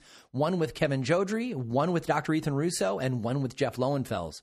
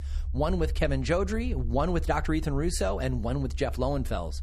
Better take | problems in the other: first | low rumble; faint; throughout; 25 dB below the speech

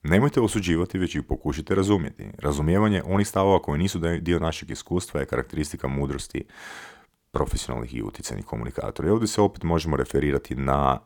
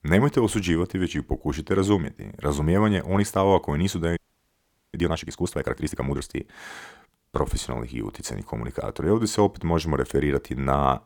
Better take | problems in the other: first | audio freezing; at 4 s for 1 s

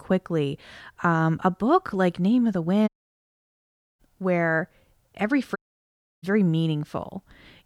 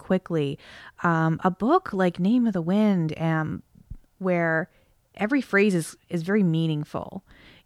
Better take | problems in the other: second | audio cutting out; at 3 s for 1 s and at 5.5 s for 0.5 s

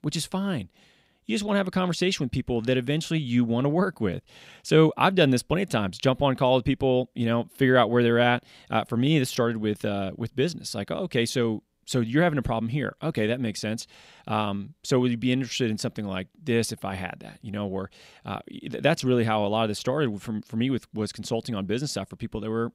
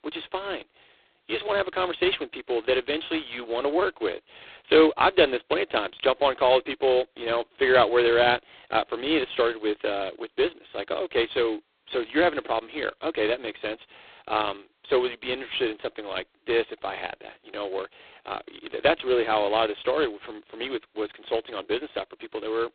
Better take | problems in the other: first | phone-call audio; poor line; nothing above 4 kHz

